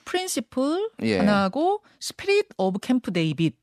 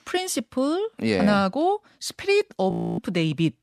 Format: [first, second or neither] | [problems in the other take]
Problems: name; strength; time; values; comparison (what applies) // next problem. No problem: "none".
first | audio freezing; at 2.5 s